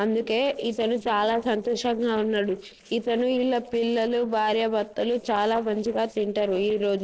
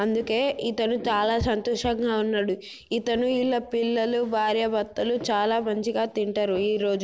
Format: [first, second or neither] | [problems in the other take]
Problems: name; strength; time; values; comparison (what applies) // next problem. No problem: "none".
second | noise reduction (neural separator model SepFormer DNS4)